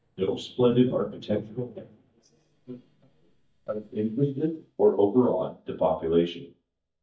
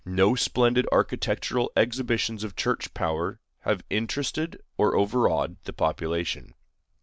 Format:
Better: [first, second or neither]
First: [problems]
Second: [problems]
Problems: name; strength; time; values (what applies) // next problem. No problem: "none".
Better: second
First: noise reduction (neural mask model DeepFilterNet 3)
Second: none